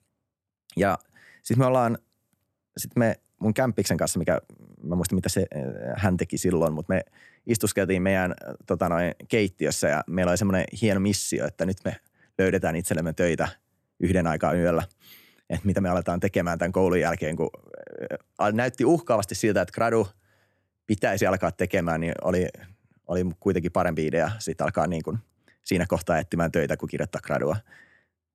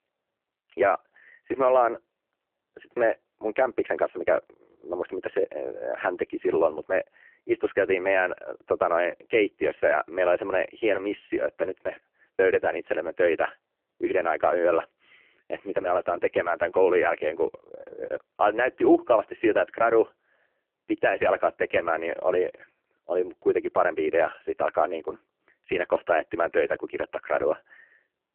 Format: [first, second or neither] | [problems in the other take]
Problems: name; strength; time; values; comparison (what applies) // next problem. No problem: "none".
first | phone-call audio; poor line